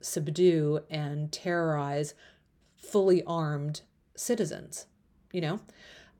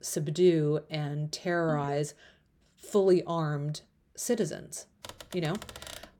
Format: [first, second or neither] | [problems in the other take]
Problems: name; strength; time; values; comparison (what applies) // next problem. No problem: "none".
first | phone ringing; noticeable; at 1.5 s; peak 9 dB below the speech // keyboard typing; faint; from 5 s on; peak 15 dB below the speech